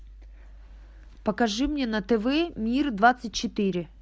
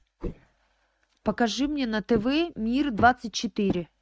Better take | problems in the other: first | noise reduction (neural mask model RNNoise)

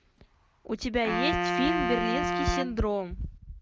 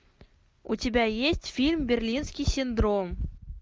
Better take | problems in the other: second | background sound (Wind instrument, woodwind instrument); 1 dB below the speech

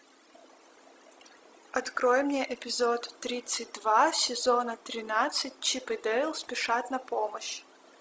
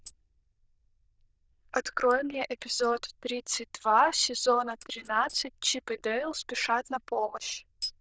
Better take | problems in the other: first | noise reduction (neural diffusion model UNIVERSE++)

